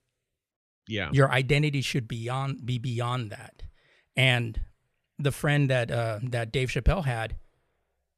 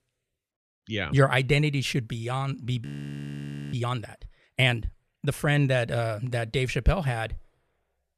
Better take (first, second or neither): first